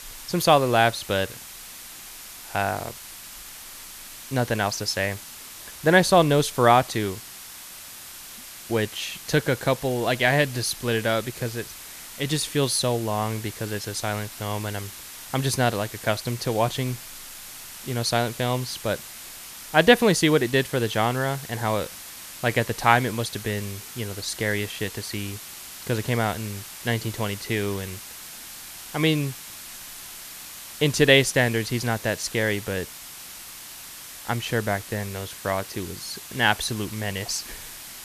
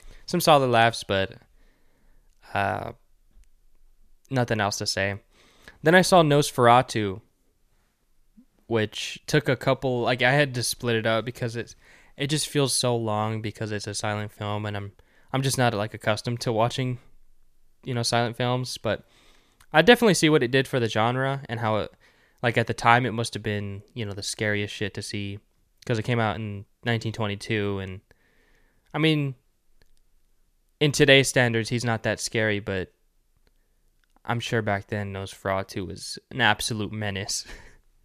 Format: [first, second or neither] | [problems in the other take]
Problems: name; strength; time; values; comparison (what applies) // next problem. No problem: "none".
second | hiss; noticeable; throughout; 15 dB below the speech